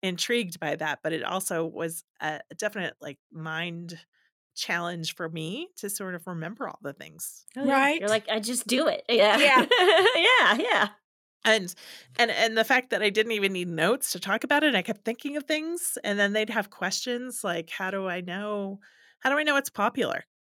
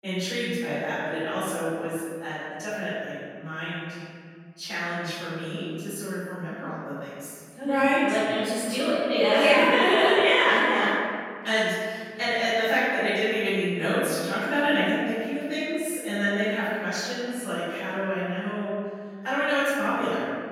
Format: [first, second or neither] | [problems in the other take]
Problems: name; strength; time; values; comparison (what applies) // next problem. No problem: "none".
first | off-mic speech; far // room echo; strong; dies away in 1.8 s